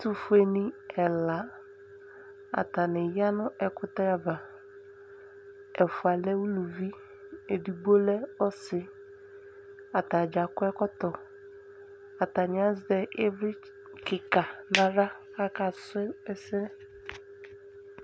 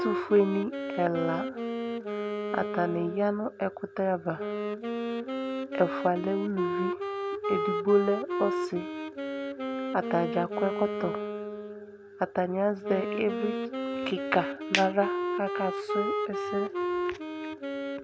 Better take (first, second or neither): first